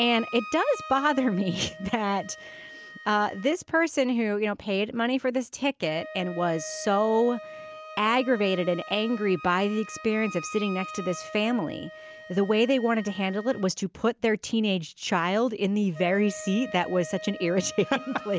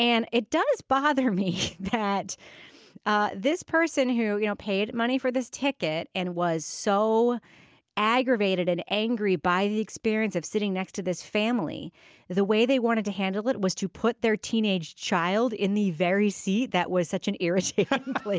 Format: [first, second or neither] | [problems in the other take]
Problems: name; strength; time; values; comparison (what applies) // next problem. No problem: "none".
second | background sound (Wind instrument, woodwind instrument); 16 dB below the speech